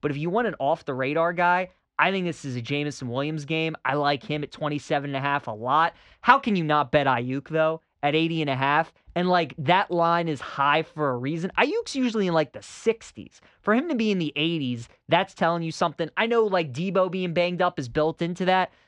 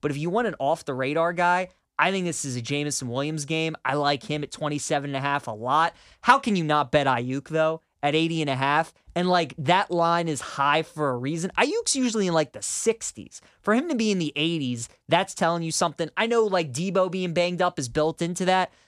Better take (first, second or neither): second